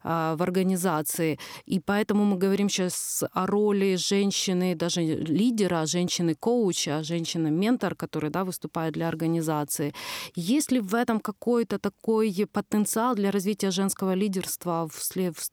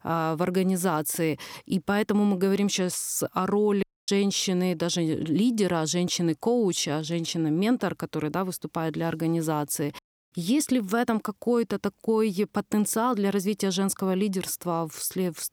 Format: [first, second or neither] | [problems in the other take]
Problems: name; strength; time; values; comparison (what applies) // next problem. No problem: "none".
first | audio cutting out; at 4 s and at 10 s